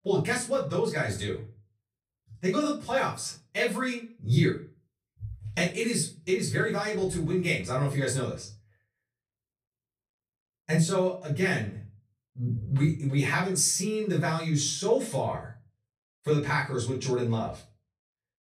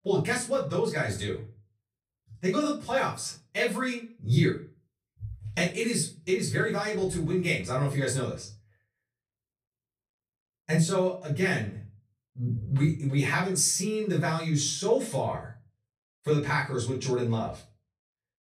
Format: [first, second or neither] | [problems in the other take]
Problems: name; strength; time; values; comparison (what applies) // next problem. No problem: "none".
neither | off-mic speech; far; the same in both // room echo; slight; dies away in 0.3 s; the same in both